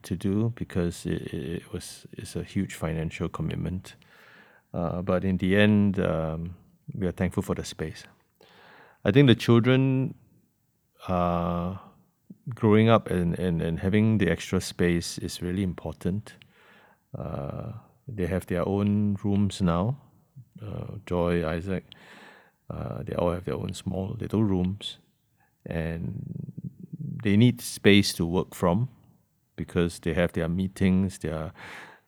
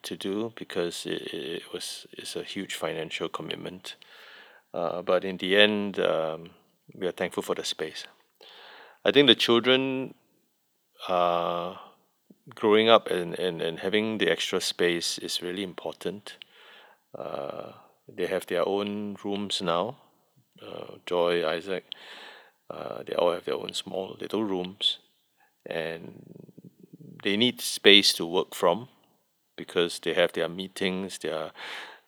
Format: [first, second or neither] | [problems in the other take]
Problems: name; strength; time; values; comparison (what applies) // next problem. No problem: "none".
first | thin; somewhat; fading below 450 Hz